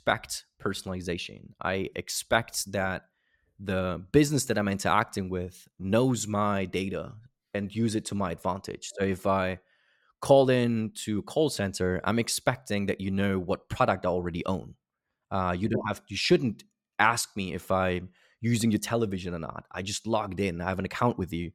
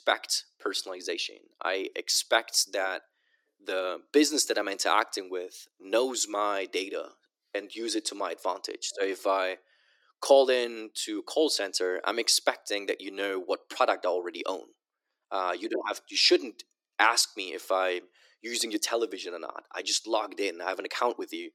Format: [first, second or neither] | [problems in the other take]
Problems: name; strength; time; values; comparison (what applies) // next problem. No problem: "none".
first | thin; somewhat; fading below 300 Hz